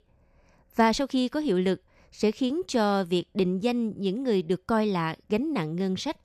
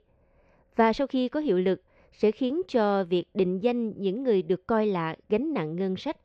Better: first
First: none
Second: muffled; slightly; fading above 3 kHz

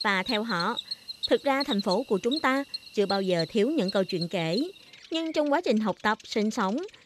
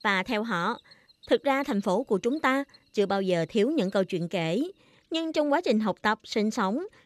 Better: second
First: animal sounds; loud; throughout; 8 dB below the speech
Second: animal sounds; faint; throughout; 30 dB below the speech

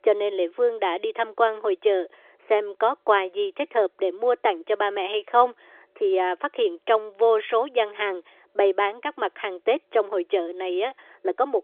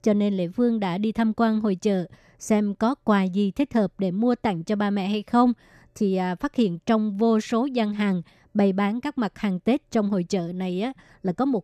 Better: second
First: phone-call audio; nothing above 3.5 kHz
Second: none

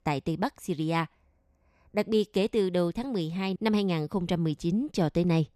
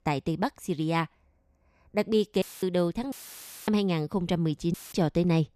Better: first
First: none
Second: audio cutting out; filled with static; at 2.5 s, at 3 s for 0.5 s and at 4.5 s

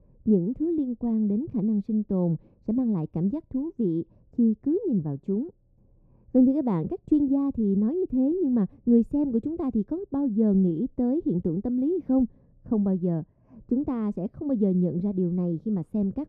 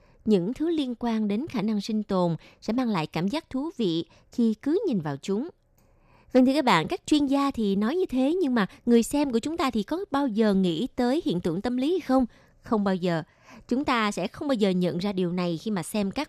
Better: second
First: muffled; very; fading above 1 kHz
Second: none

